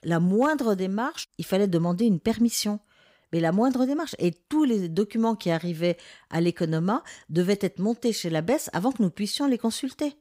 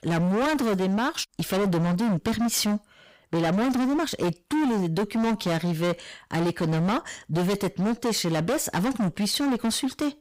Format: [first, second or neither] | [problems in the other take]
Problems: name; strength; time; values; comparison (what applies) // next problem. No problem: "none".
first | distortion; heavy; 31% of the sound clipped